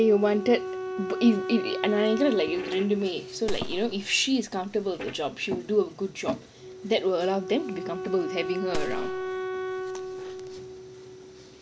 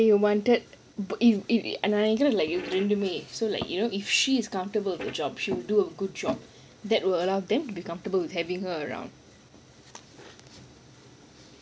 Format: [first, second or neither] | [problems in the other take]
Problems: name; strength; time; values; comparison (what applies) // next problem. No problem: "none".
second | background sound (Wind instrument, woodwind instrument + Gunshot, gunfire); 7 dB below the speech